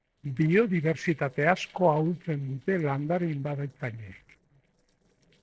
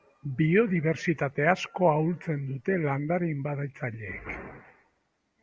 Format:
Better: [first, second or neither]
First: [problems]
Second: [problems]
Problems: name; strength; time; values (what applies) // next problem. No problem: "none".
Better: second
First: noise reduction (neural separator model SepFormer DNS4)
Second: none